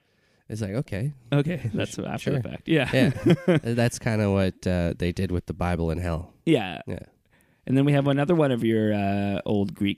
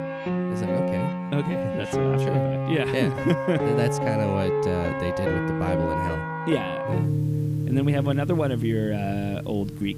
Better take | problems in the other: first | background music; very loud; throughout; 1 dB above the speech

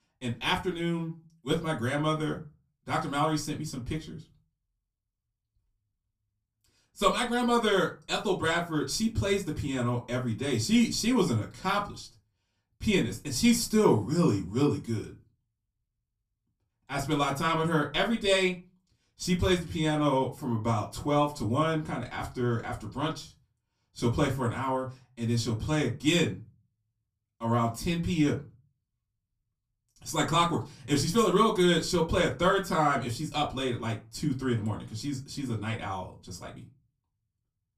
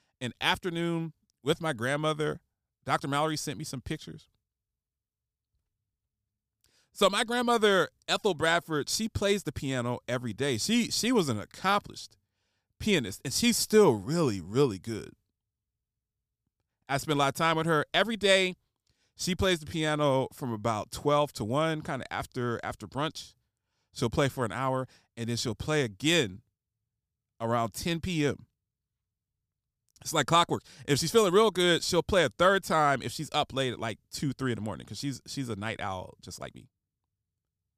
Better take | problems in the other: second | off-mic speech; far // room echo; very slight; dies away in 0.2 s

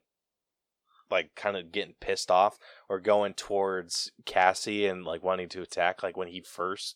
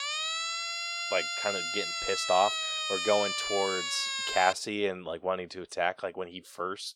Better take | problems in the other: first | siren; loud; until 4.5 s; peak 1 dB above the speech

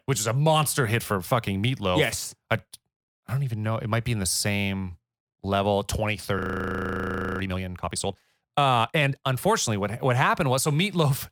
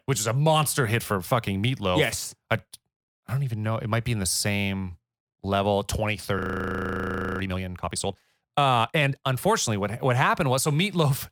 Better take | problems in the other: neither | audio freezing; at 6.5 s for 1 s; the same in both

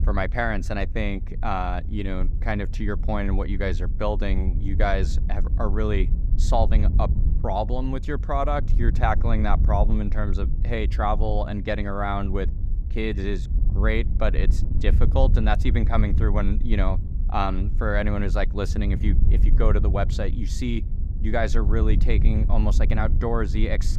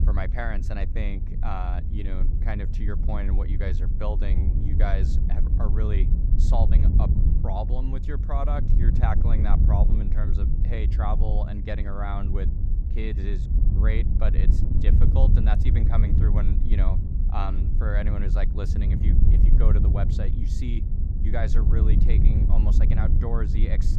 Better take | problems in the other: first | wind noise on the microphone; heavy; 4 dB below the speech; occasional gusts in the first

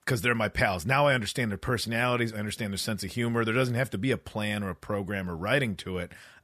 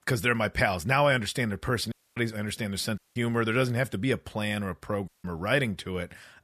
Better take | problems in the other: first | audio cutting out; at 2 s, at 3 s and at 5 s

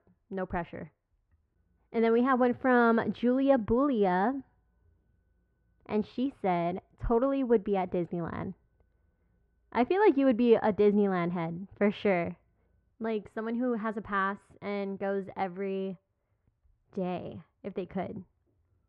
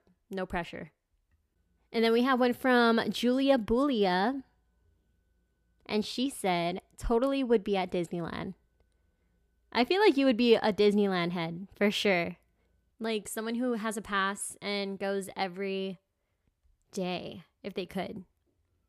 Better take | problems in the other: second | muffled; very; fading above 1.5 kHz

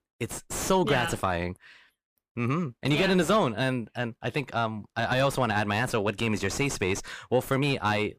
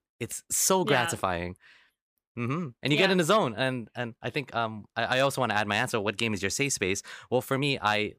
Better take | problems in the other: second | distortion; heavy; 5 dB below the speech

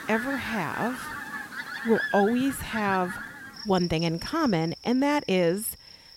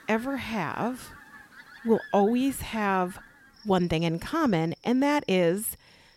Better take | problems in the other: second | animal sounds; loud; throughout; 9 dB below the speech; faint in the second

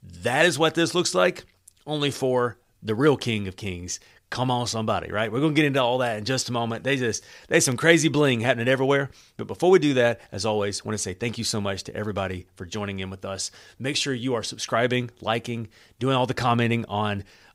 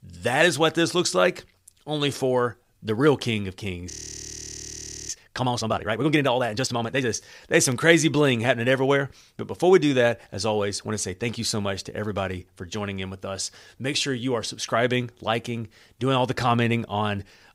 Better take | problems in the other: first | audio freezing; at 4 s for 1 s

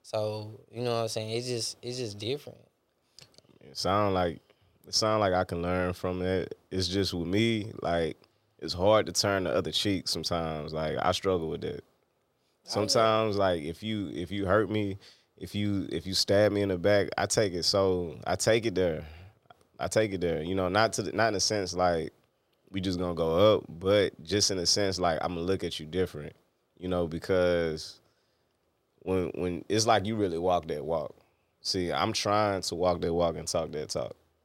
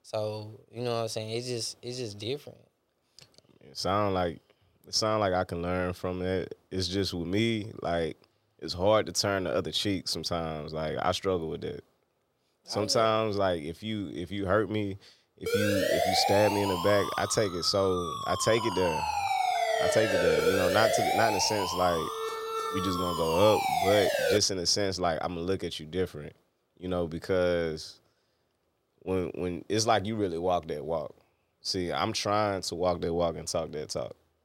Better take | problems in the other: first | siren; loud; from 15 to 24 s; peak 4 dB above the speech

